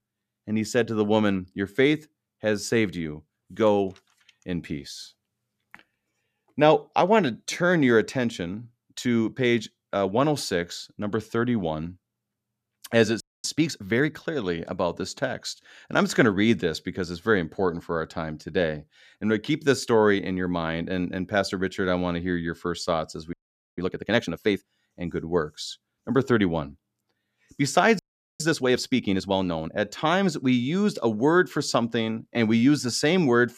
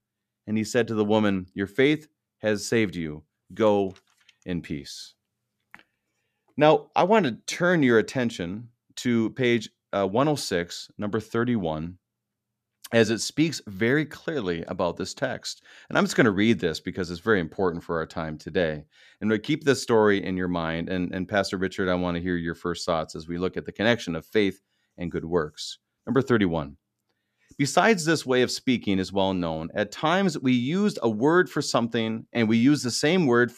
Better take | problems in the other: second | audio freezing; at 13 s, at 23 s and at 28 s

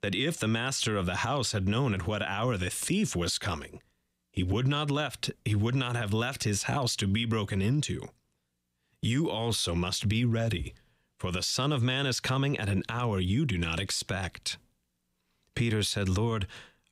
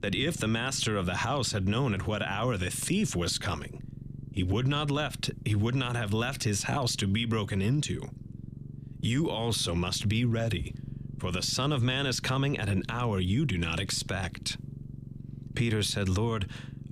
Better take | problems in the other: first | low rumble; faint; throughout; 20 dB below the speech

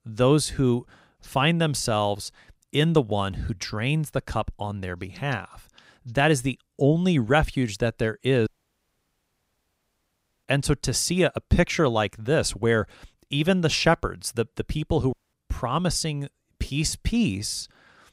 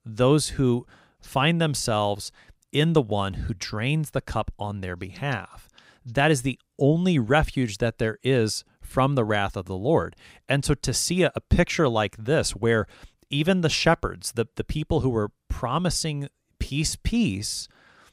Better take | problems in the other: second | audio cutting out; at 8.5 s for 2 s and at 15 s

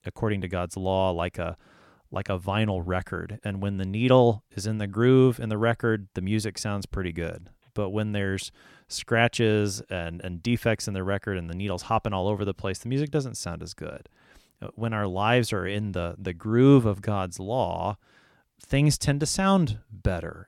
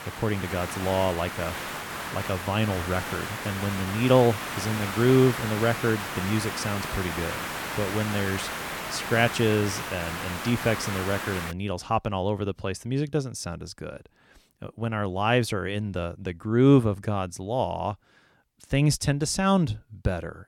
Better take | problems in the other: first | hiss; loud; until 12 s; 6 dB below the speech

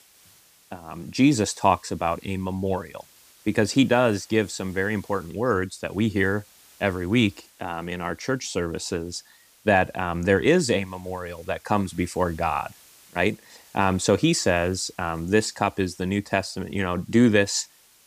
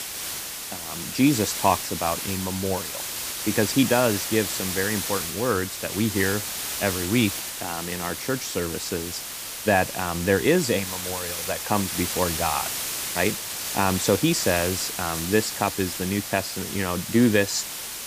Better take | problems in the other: first | hiss; loud; throughout; 4 dB below the speech; faint in the first

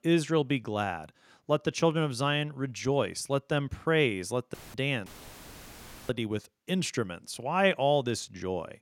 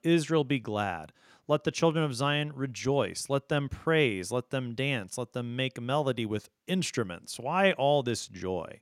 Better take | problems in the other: second | audio cutting out; filled with static; at 4.5 s and at 5 s for 1 s

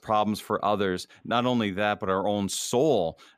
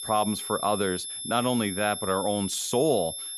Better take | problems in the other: first | high-pitched whine; loud; throughout; 11 kHz, 6 dB below the speech

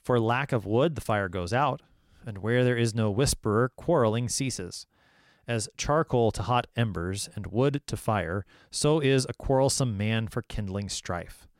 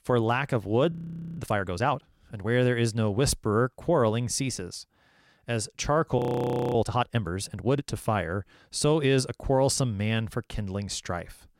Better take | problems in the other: first | audio freezing; at 1 s and at 6 s for 0.5 s

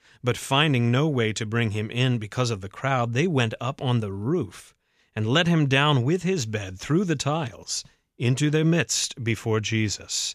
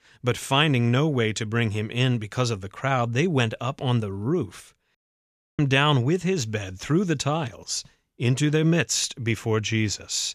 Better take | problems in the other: first | audio cutting out; at 5 s for 0.5 s

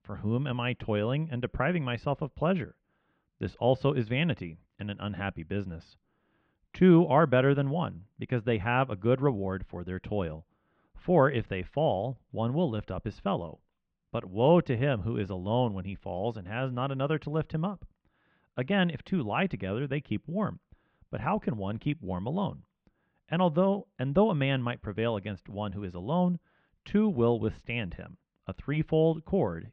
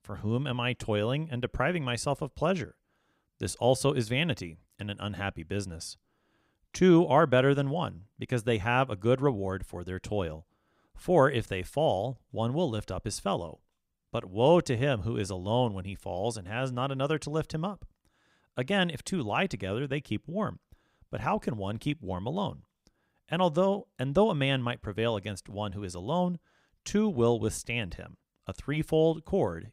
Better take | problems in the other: second | muffled; very; fading above 3 kHz

